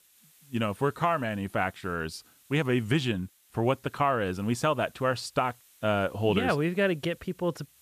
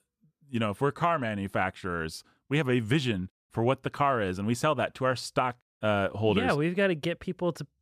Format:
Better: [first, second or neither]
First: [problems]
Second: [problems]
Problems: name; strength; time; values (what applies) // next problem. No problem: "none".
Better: second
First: hiss; faint; throughout; 30 dB below the speech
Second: none